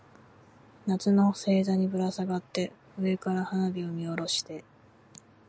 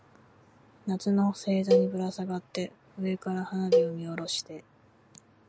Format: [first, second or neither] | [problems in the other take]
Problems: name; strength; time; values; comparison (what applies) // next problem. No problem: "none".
first | background sound (Cowbell); 1 dB above the speech